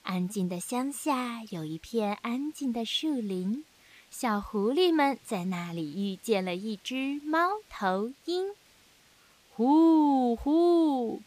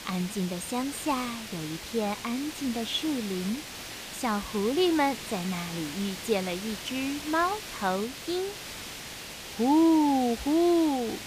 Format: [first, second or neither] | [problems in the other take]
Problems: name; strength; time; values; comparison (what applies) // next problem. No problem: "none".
first | hiss; loud; throughout; 9 dB below the speech; faint in the first